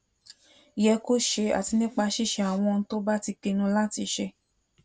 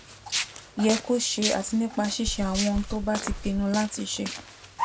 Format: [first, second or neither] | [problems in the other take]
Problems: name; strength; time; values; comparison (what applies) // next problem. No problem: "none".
first | background sound (Walk, footsteps + Run); 6 dB below the speech